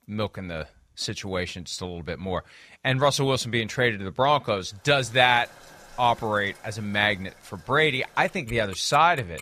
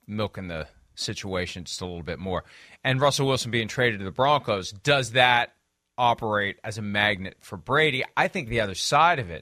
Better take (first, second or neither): second